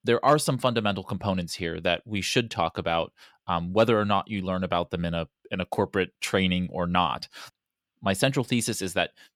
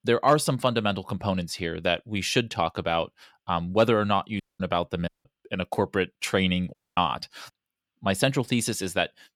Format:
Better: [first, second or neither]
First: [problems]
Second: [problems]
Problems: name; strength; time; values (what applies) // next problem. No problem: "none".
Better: first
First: none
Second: audio cutting out; at 4.5 s, at 5 s and at 6.5 s